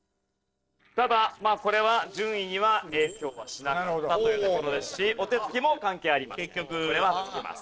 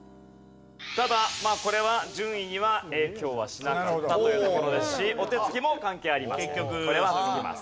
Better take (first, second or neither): second